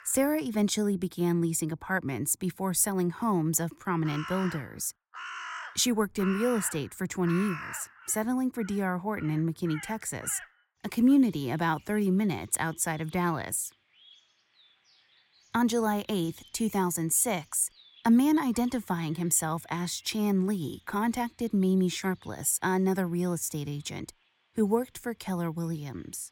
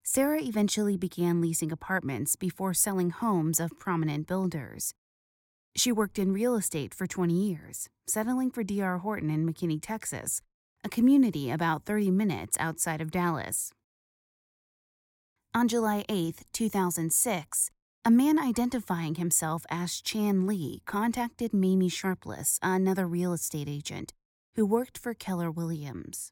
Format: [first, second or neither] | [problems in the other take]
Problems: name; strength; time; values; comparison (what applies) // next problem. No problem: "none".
second | animal sounds; noticeable; throughout; 15 dB below the speech